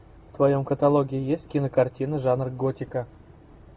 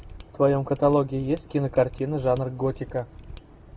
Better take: first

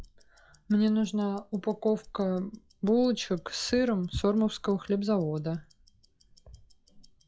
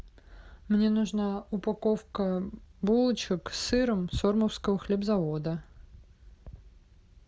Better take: second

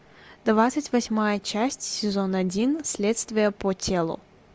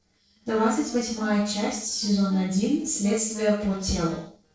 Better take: first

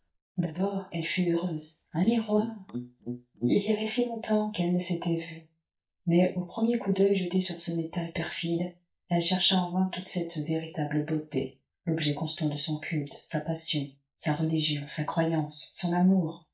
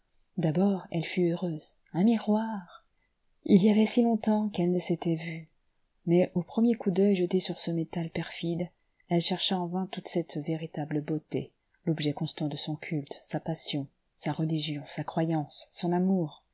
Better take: second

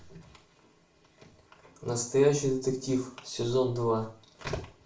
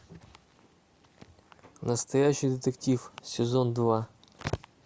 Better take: second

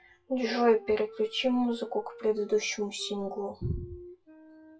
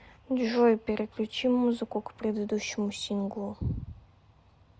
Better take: second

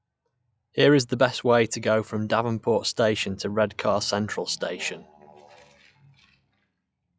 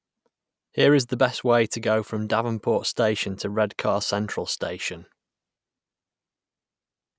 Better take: second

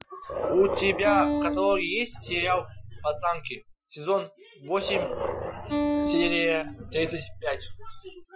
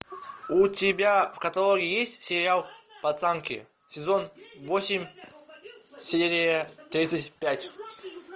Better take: second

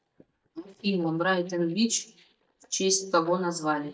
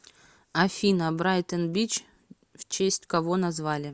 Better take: second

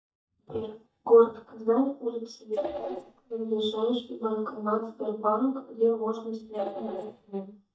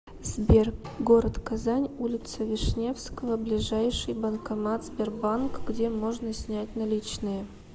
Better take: second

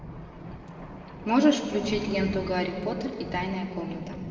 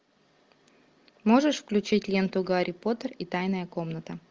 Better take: second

